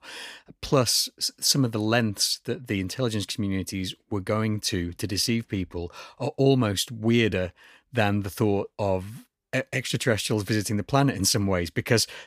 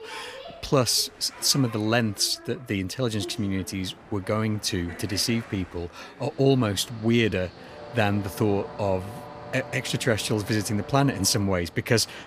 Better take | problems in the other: first | train or aircraft noise; noticeable; throughout; 15 dB below the speech

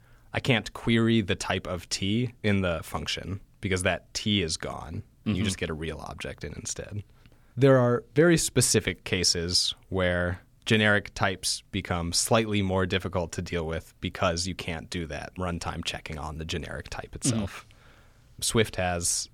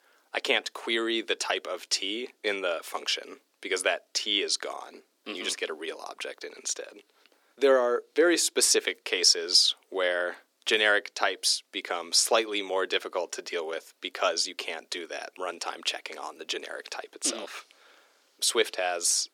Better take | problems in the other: first | thin; very; fading below 300 Hz

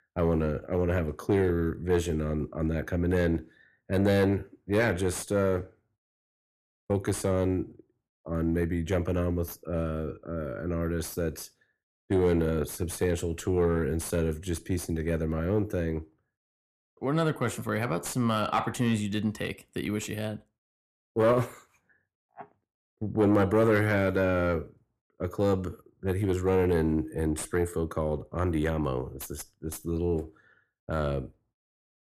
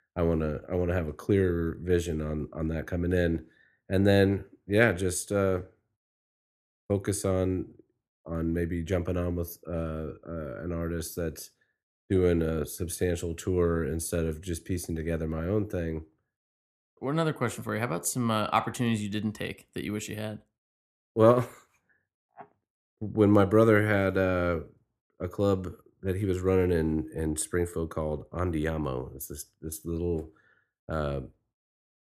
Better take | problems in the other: second | distortion; slight; 10 dB below the speech

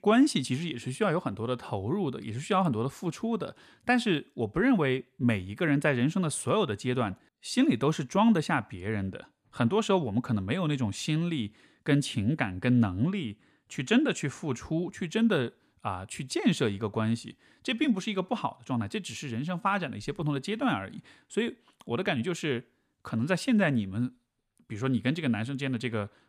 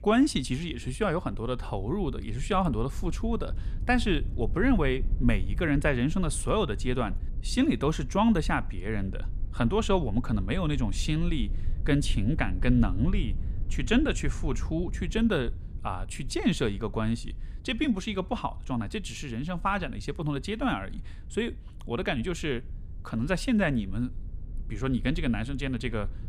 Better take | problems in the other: first | low rumble; faint; throughout; 25 dB below the speech

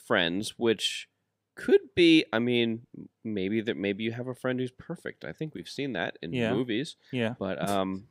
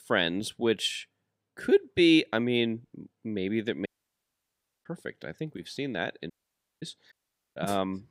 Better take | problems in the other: first | audio cutting out; at 4 s for 1 s, at 6.5 s for 0.5 s and at 7 s

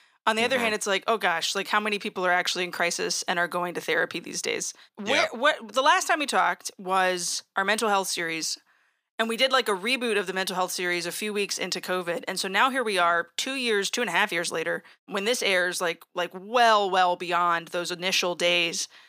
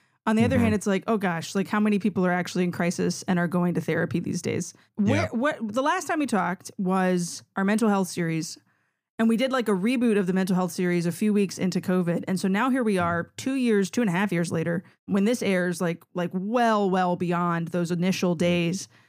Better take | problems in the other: second | thin; very; fading below 600 Hz

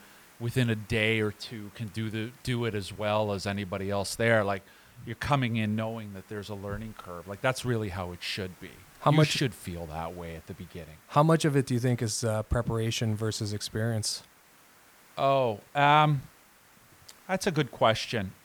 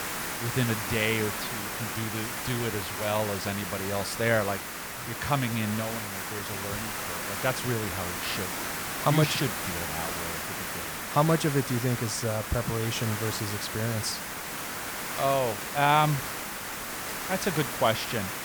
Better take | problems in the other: first | hiss; loud; throughout; 3 dB below the speech; faint in the first

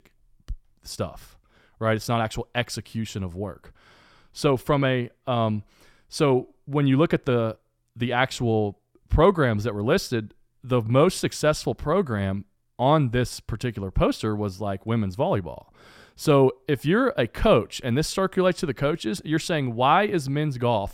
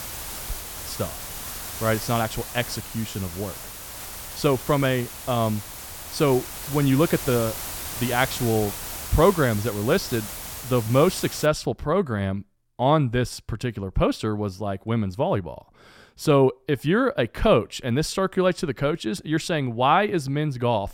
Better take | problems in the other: first | hiss; loud; until 11 s; 9 dB below the speech

